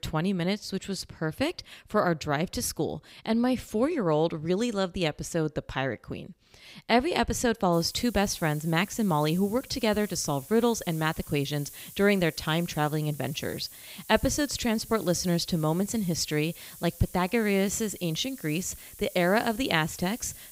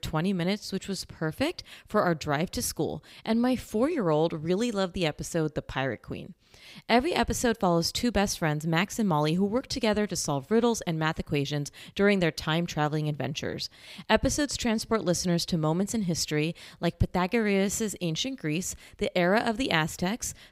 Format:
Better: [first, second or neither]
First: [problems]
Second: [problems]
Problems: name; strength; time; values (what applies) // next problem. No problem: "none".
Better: second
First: hiss; noticeable; from 7.5 s on; 15 dB below the speech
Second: none